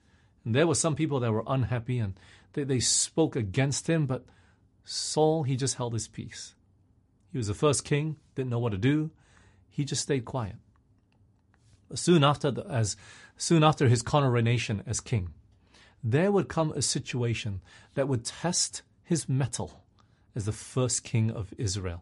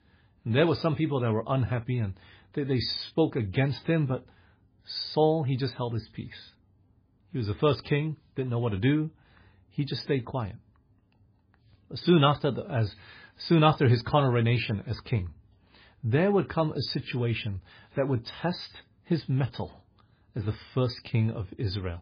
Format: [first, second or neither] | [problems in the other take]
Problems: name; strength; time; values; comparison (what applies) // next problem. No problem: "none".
first | garbled, watery; badly; nothing above 4.5 kHz; slightly in the first